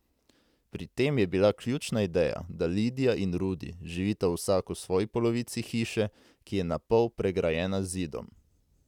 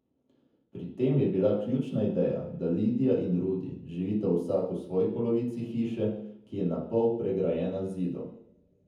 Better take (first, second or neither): first